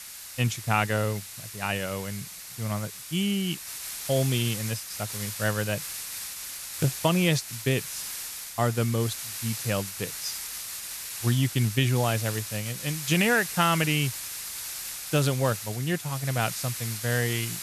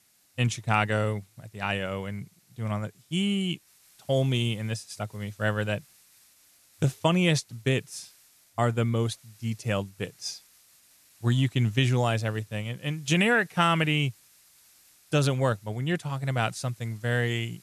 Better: second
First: hiss; loud; throughout; 6 dB below the speech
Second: hiss; faint; throughout; 30 dB below the speech

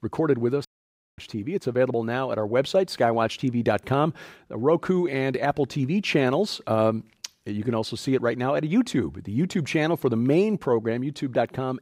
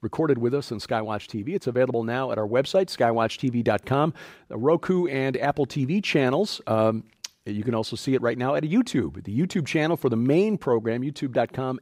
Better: second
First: audio cutting out; at 0.5 s for 0.5 s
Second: none

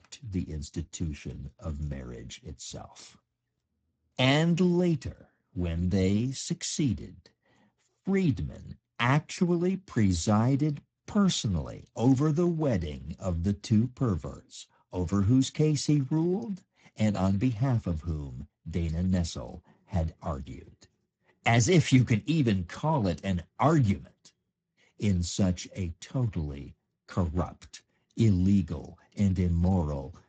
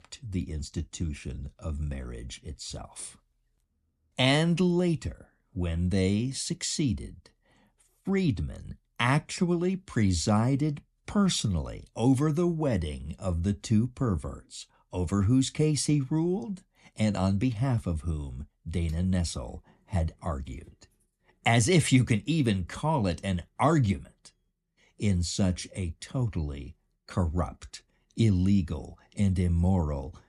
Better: second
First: garbled, watery; badly; nothing above 7.5 kHz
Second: none

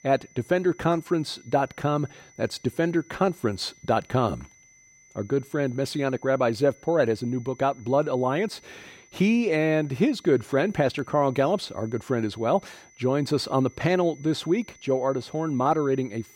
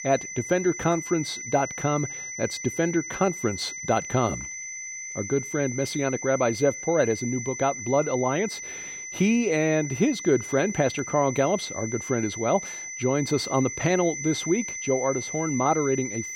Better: first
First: high-pitched whine; faint; throughout; 2 kHz, 25 dB below the speech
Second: high-pitched whine; loud; throughout; 2 kHz, 7 dB below the speech

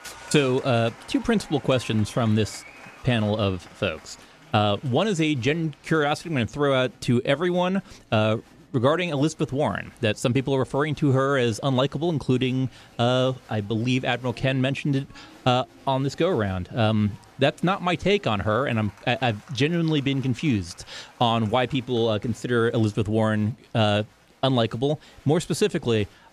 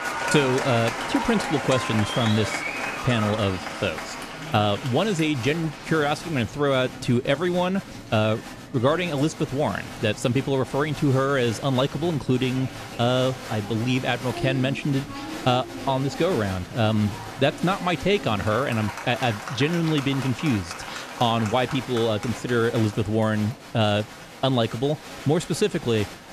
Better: first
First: crowd noise; faint; throughout; 25 dB below the speech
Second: crowd noise; loud; throughout; 9 dB below the speech

